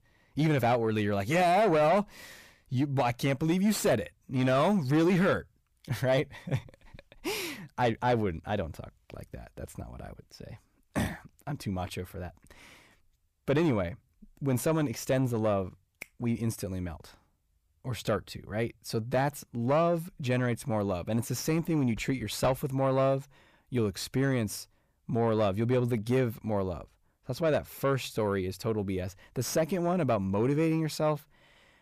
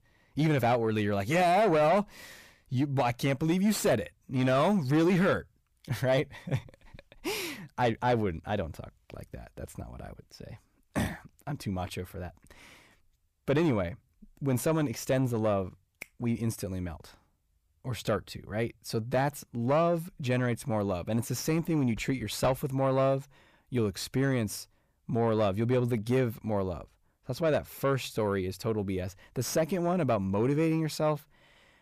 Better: neither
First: distortion; slight; 10 dB below the speech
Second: distortion; slight; 10 dB below the speech

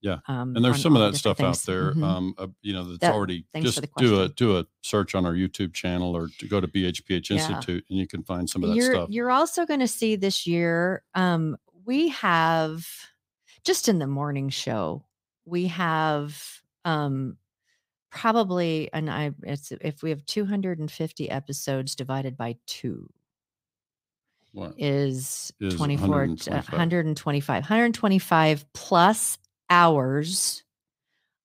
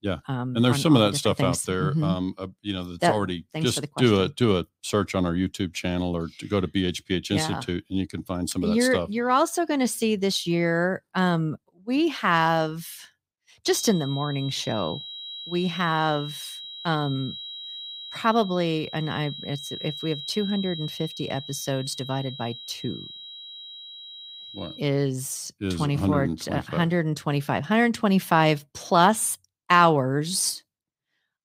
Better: first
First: none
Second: high-pitched whine; noticeable; from 14 to 25 s; 4 kHz, 10 dB below the speech

